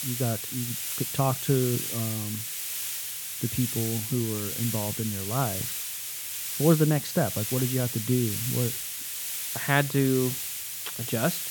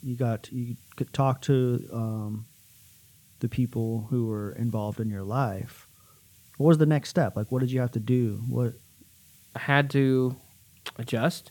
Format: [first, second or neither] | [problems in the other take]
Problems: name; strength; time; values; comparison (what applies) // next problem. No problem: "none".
second | hiss; loud; throughout; 2 dB below the speech; faint in the second